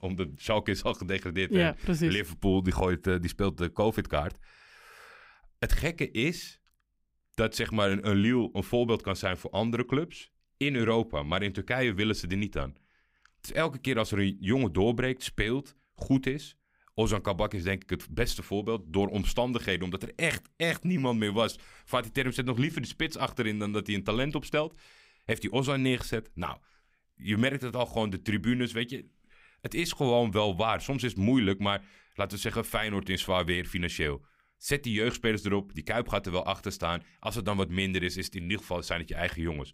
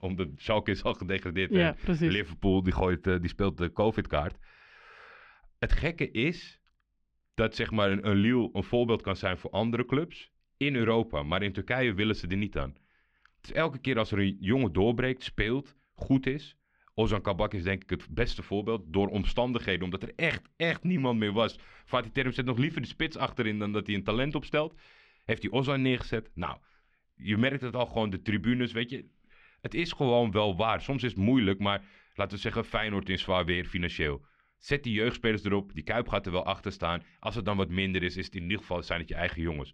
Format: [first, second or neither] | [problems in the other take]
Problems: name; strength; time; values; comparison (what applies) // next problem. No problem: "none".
first | muffled; very slightly; fading above 4 kHz